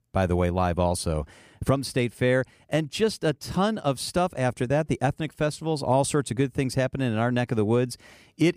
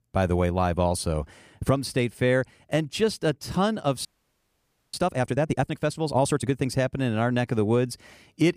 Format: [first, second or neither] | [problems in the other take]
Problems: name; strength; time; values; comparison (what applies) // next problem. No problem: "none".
first | audio freezing; at 4 s for 1 s